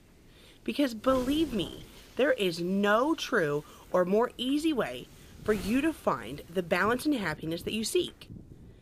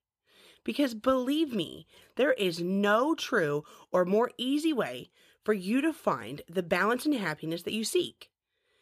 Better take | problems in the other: second | wind noise on the microphone; occasional gusts; 20 dB below the speech

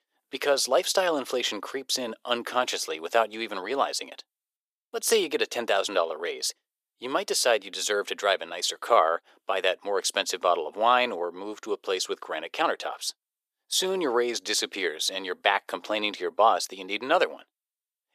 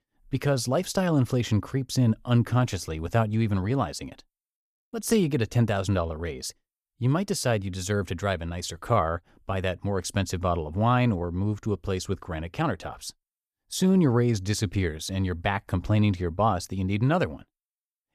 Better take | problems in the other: second | thin; very; fading below 400 Hz

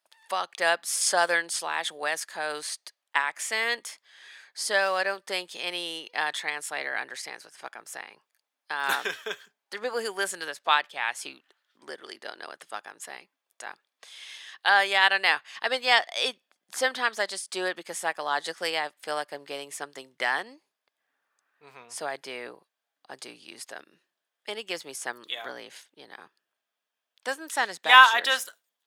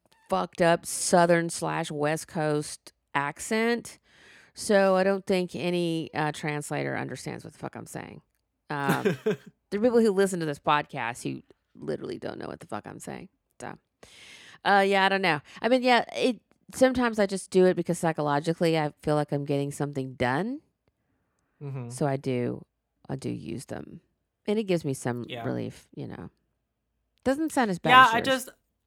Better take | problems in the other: second | thin; very; fading below 900 Hz

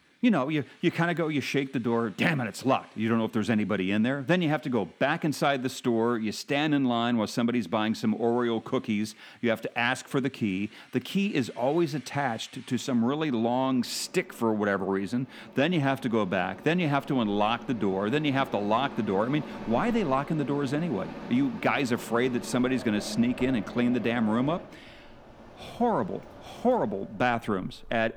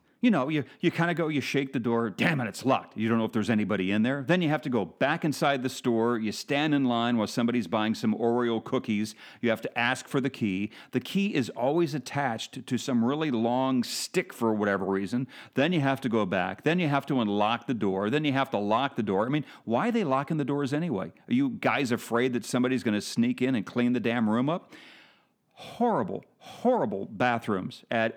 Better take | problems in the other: second | machinery noise; noticeable; throughout; 15 dB below the speech

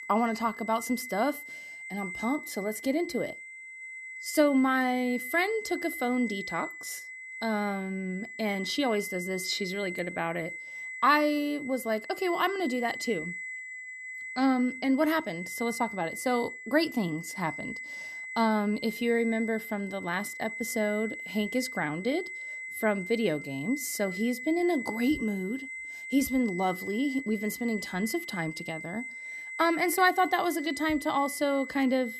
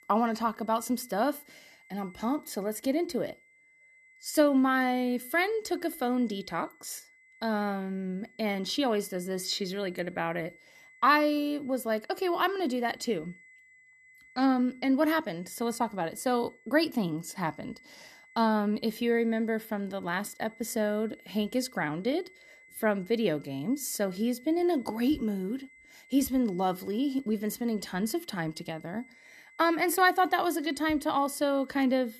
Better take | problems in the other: second | high-pitched whine; loud; throughout; 2 kHz, 9 dB below the speech; faint in the second

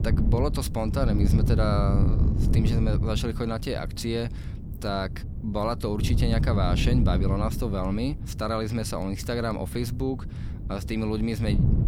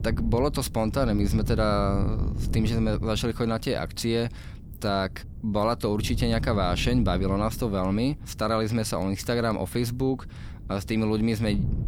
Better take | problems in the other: second | wind noise on the microphone; heavy; 9 dB below the speech; occasional gusts in the second

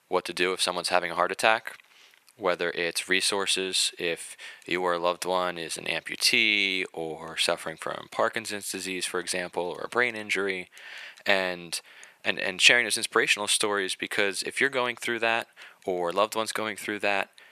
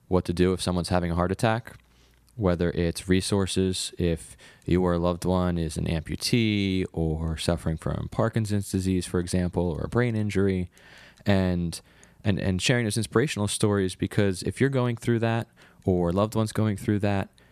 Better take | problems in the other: second | thin; very; fading below 600 Hz

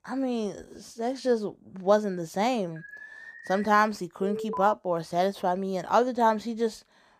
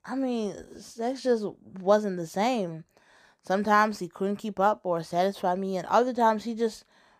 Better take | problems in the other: second | alarm; faint; at 3 s; peak 15 dB below the speech // alarm; noticeable; at 4 s; peak 7 dB below the speech

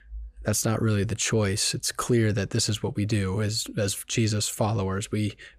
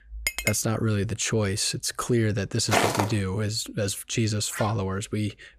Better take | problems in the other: first | clattering dishes; noticeable; at 0.5 s; peak 1 dB below the speech // footsteps; loud; at 2.5 s; peak 3 dB above the speech // dog barking; noticeable; at 4.5 s; peak 10 dB below the speech

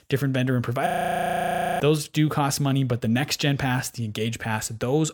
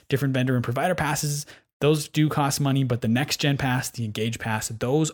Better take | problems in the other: second | audio freezing; at 1 s for 1 s

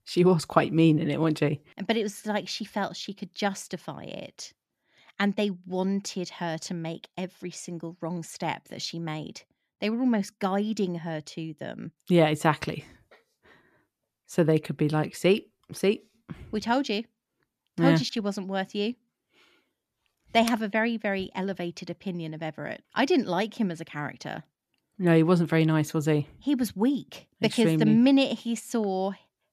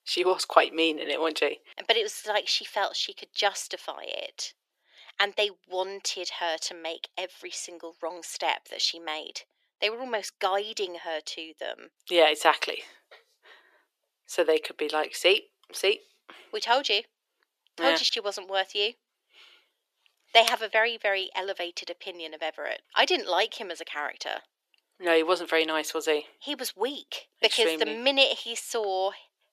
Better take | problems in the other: first | thin; very; fading below 400 Hz

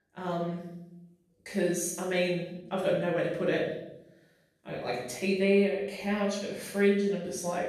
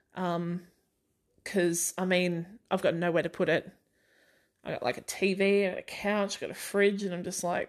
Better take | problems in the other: second | room echo; noticeable; dies away in 0.7 s // off-mic speech; far

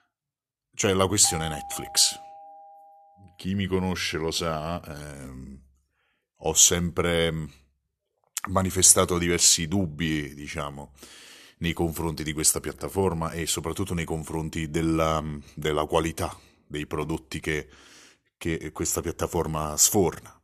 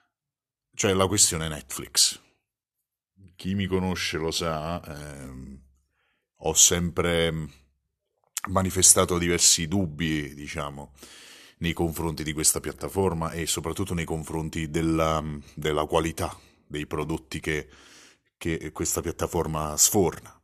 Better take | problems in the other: second | doorbell; faint; from 1 to 3 s; peak 10 dB below the speech

